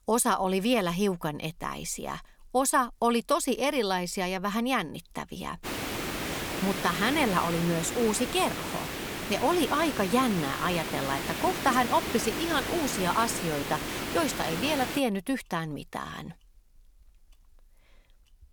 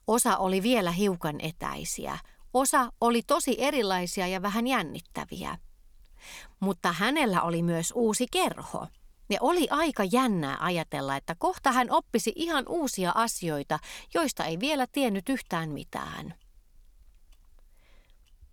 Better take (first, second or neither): second